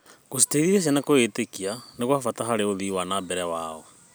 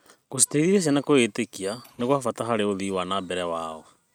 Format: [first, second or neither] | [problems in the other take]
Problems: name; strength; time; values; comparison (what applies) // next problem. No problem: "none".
first | noise reduction (neural mask model RNNoise)